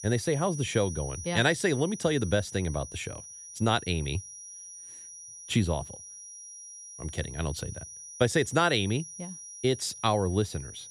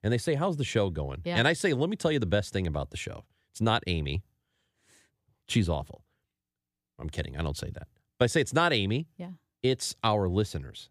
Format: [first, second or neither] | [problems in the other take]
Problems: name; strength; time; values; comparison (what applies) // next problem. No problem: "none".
second | high-pitched whine; noticeable; throughout; 6 kHz, 15 dB below the speech